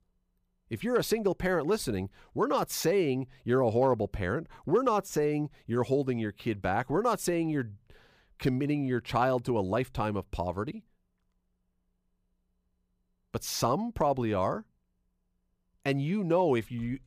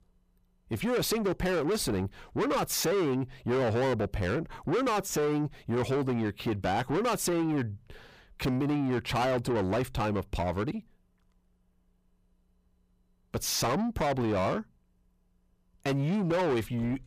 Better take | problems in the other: first | distortion; heavy; 7 dB below the speech

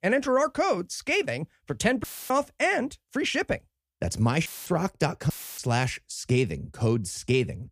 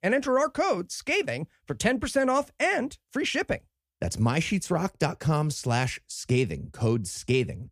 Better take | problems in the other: second | audio cutting out; filled with static; at 2 s, at 4.5 s and at 5.5 s

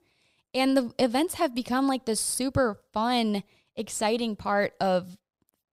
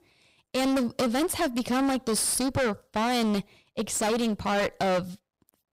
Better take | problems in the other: first | distortion; heavy; 25% of the sound clipped

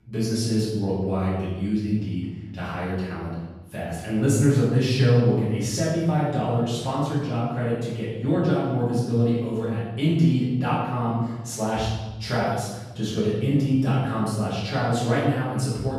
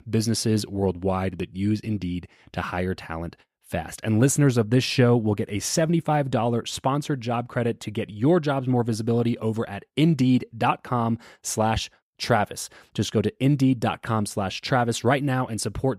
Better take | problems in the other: second | room echo; strong; dies away in 1.2 s // off-mic speech; far

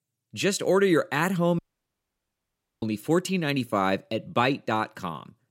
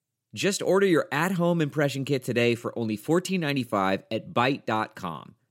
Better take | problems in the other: second | audio cutting out; at 1.5 s for 1 s

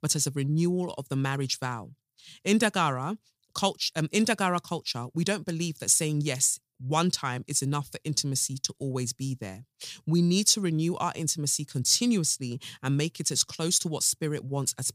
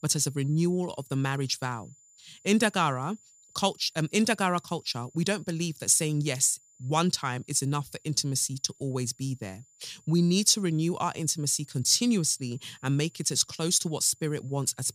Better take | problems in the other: first | high-pitched whine; faint; throughout; 7 kHz, 30 dB below the speech

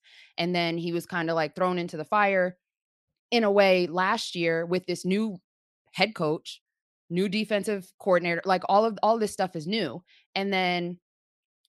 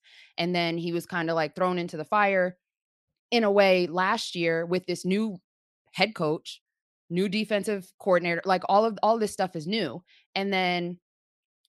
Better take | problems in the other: neither | none

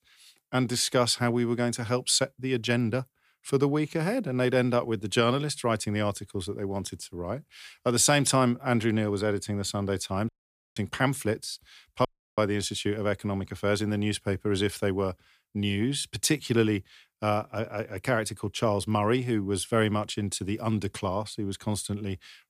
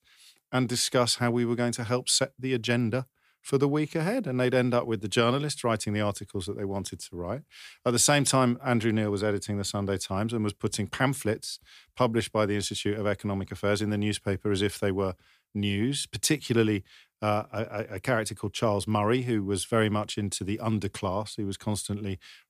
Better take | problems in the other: second | audio cutting out; at 10 s and at 12 s

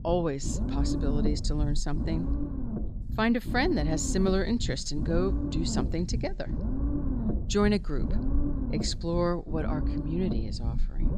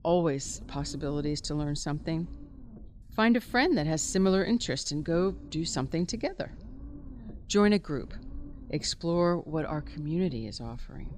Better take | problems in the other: second | low rumble; loud; throughout; 8 dB below the speech; faint in the second

